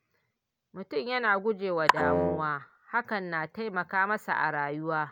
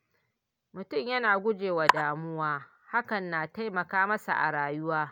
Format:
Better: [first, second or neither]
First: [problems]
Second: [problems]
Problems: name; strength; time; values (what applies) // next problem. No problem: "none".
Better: second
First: background sound (Wind instrument, woodwind instrument); as loud as the speech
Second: none